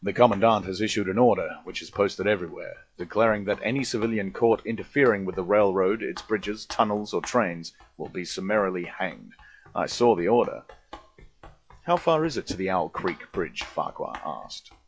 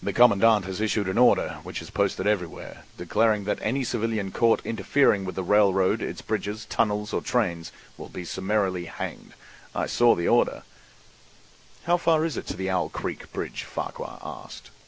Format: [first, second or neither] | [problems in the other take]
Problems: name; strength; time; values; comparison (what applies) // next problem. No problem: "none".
second | noise reduction (classical method log-MMSE)